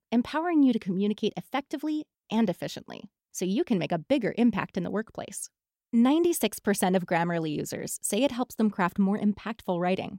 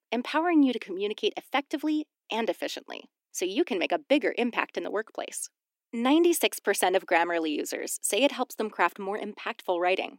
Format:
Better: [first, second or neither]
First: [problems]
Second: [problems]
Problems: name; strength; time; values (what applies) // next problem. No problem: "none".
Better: first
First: none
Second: thin; somewhat; fading below 300 Hz